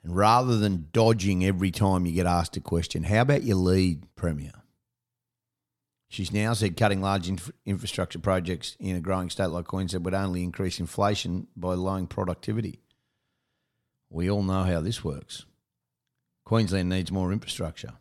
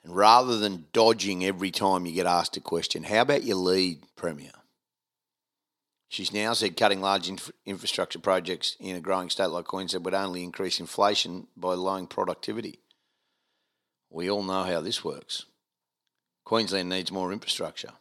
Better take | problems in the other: first | thin; somewhat; fading below 350 Hz

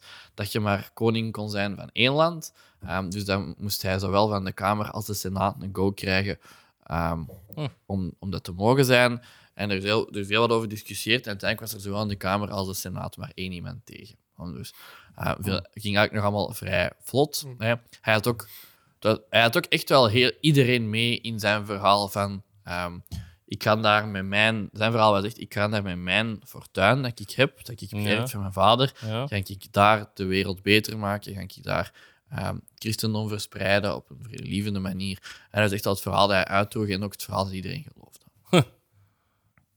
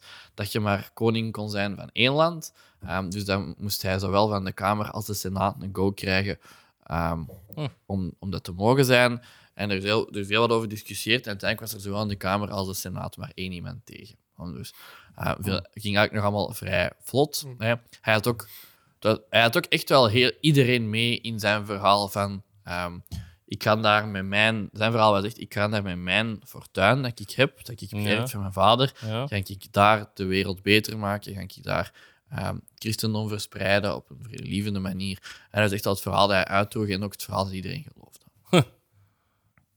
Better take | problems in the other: neither | none

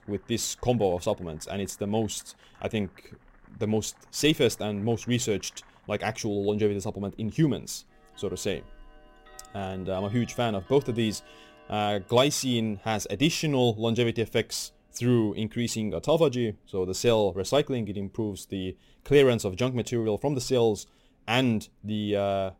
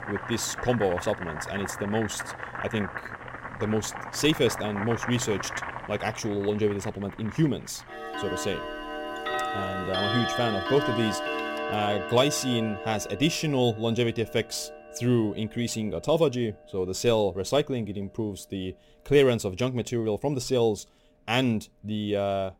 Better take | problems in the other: first | household noises; loud; throughout; 6 dB below the speech; faint in the first

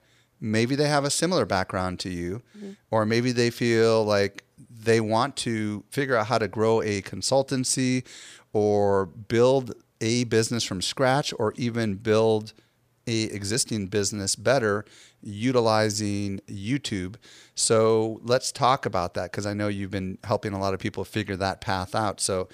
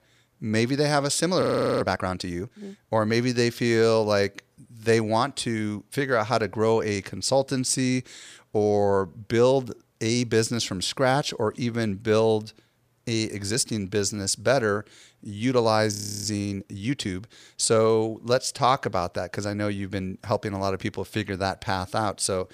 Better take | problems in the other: first | audio freezing; at 1.5 s and at 16 s

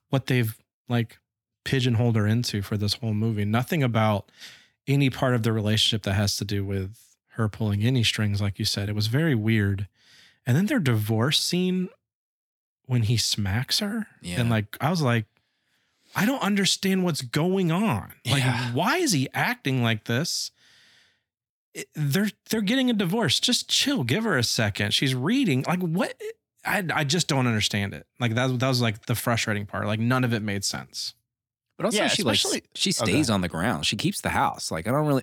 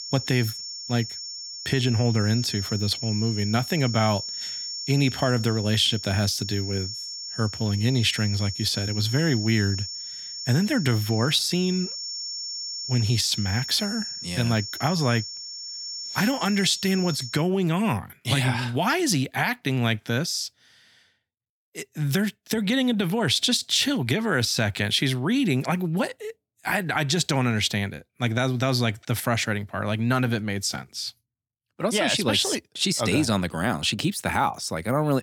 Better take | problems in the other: first | high-pitched whine; loud; until 17 s; 5.5 kHz, 7 dB below the speech

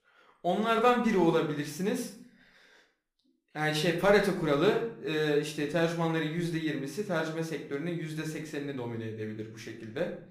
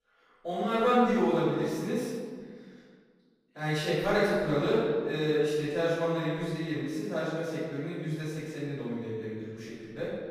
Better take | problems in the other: first | room echo; strong; dies away in 1.5 s; slight in the first // off-mic speech; far; somewhat distant in the first

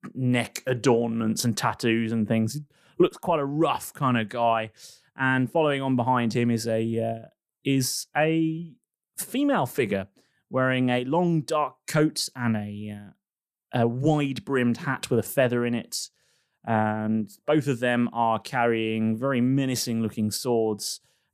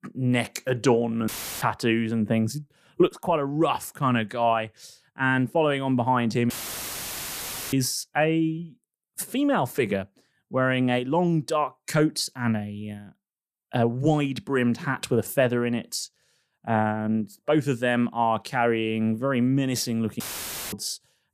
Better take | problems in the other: first | audio cutting out; filled with static; at 1.5 s, at 6.5 s for 1 s and at 20 s for 0.5 s

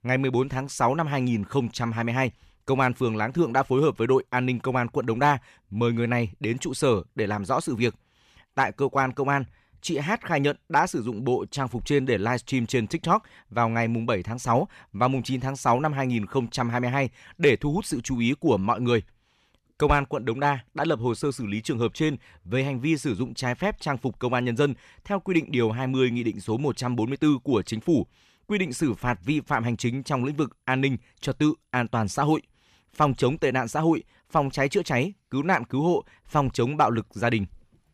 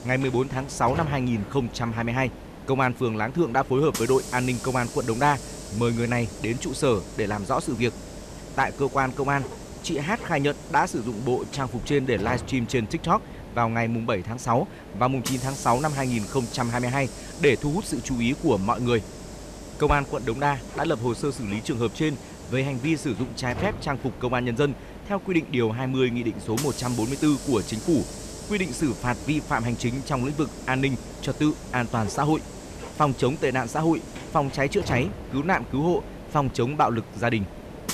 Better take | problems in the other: first | hiss; noticeable; throughout; 10 dB below the speech

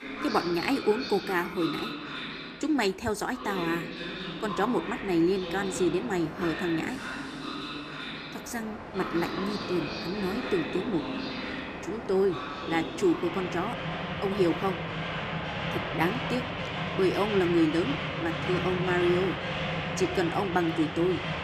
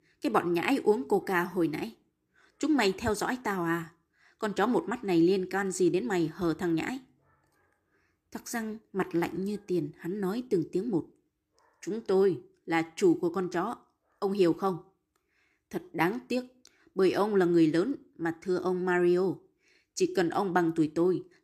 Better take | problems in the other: second | train or aircraft noise; loud; throughout; 5 dB below the speech

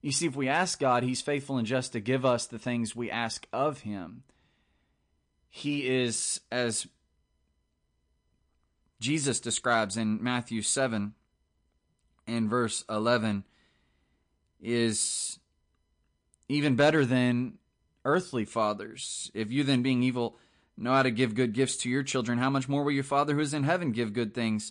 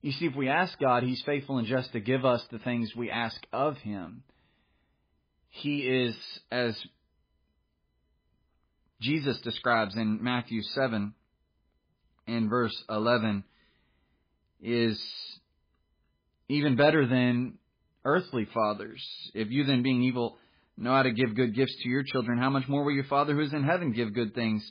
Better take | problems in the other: first | garbled, watery; badly; slightly in the first

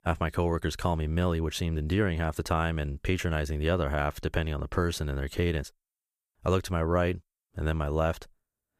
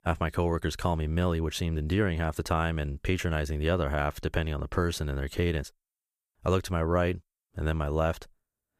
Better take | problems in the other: neither | none

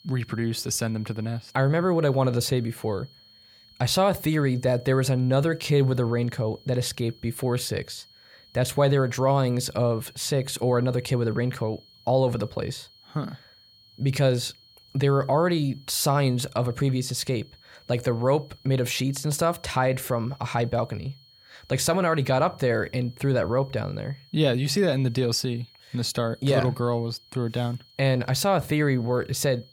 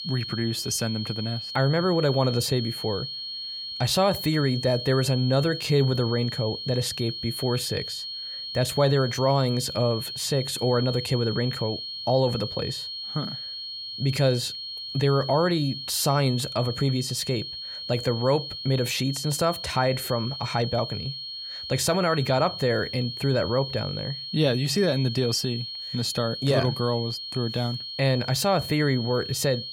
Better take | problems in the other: first | high-pitched whine; loud; throughout; 4.5 kHz, 7 dB below the speech; faint in the first

